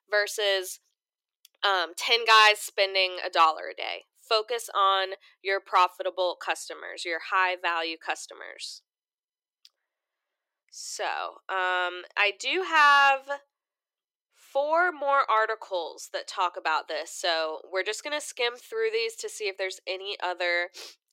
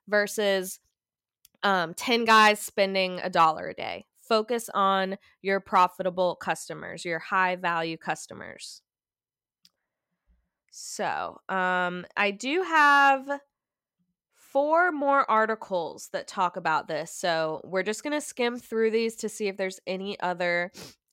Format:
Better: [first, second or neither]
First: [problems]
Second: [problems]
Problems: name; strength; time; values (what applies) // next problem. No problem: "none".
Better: second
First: thin; very; fading below 350 Hz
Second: none